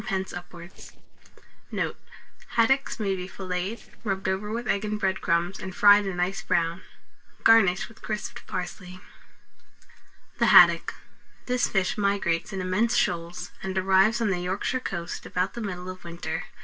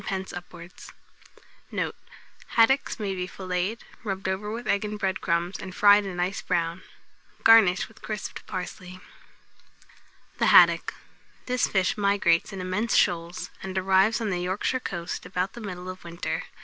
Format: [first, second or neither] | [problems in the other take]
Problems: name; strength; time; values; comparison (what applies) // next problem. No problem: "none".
second | noise reduction (neural separator model SepFormer DNS4)